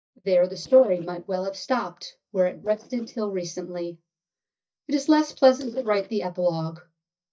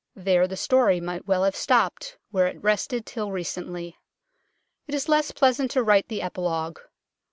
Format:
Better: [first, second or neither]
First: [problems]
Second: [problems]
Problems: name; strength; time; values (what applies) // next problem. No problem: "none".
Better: second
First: noise reduction (neural mask model DeepFilterNet 3)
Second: none